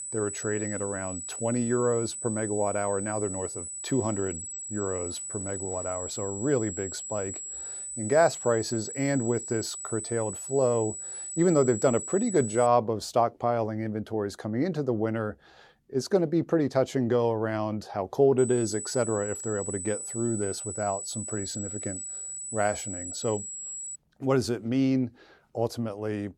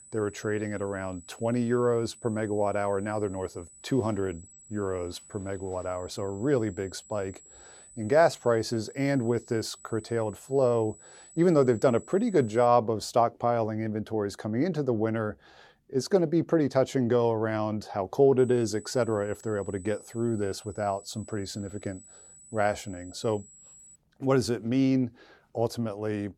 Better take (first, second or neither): second